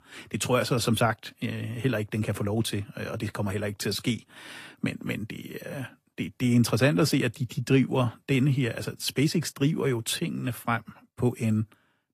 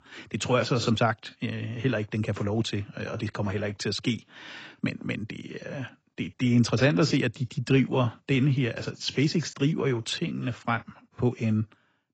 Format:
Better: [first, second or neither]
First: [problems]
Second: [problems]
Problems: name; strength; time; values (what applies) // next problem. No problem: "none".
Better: first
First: garbled, watery; slightly; nothing above 14.5 kHz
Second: garbled, watery; badly; nothing above 8 kHz